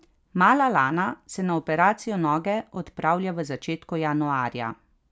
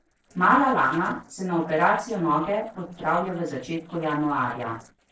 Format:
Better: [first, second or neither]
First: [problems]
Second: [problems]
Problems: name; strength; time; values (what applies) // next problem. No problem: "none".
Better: first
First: none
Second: noise reduction (neural separator model SepFormer DNS4)